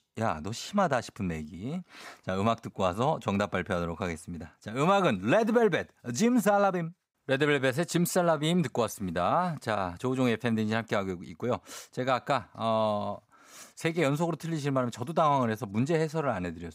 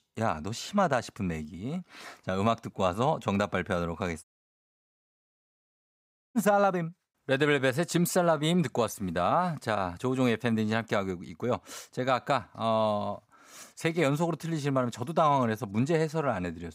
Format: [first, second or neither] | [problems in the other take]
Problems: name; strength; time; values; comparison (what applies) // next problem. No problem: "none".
first | audio cutting out; at 4 s for 2 s